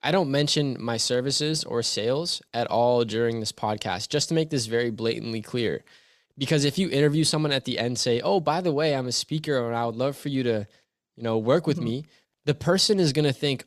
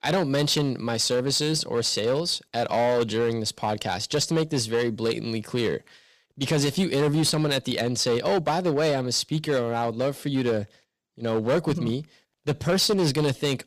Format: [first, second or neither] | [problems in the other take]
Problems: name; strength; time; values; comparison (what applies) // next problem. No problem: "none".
first | distortion; slight; 8% of the sound clipped